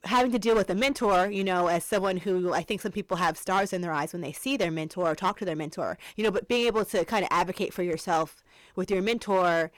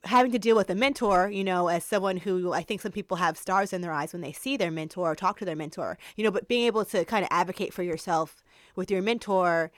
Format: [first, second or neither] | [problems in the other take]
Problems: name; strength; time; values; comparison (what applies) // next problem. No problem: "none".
second | distortion; slight; 8% of the sound clipped